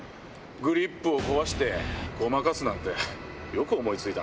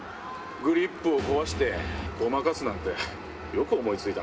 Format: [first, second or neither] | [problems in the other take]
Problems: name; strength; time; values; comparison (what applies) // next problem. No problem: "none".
first | background sound (Crowd); 15 dB below the speech // room echo; dies away in 0.3 s